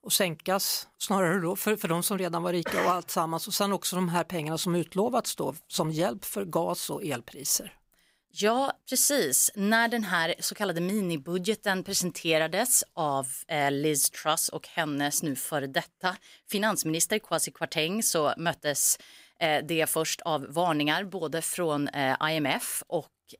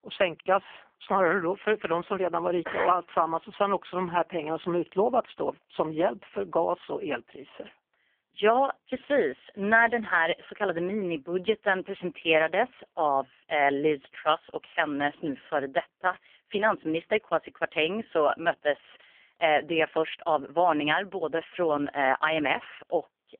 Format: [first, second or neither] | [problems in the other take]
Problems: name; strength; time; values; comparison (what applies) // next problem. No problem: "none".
first | phone-call audio; poor line; nothing above 3 kHz